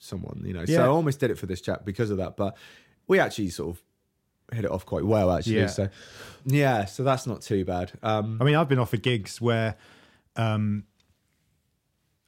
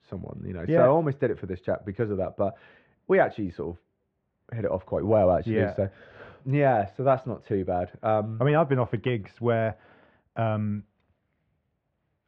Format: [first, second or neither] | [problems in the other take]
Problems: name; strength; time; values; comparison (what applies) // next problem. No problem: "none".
first | muffled; very; fading above 2.5 kHz